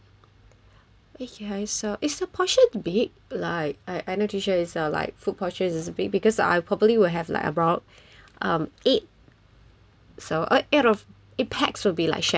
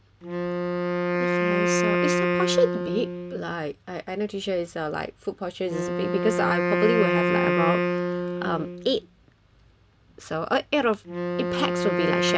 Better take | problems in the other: first | background sound (Wind instrument, woodwind instrument); 2 dB above the speech

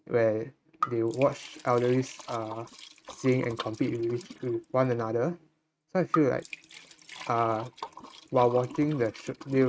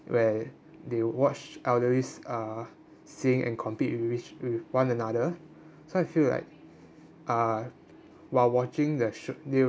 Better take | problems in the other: second | noise reduction (neural mask model RNNoise)

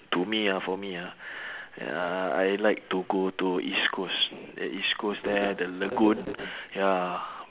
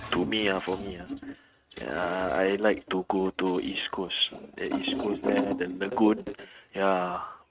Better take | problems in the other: first | noise reduction (neural mask model RNNoise)

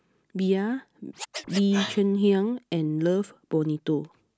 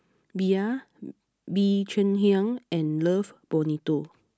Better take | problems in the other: second | background sound (Scratching (performance technique)); 14 dB below the speech

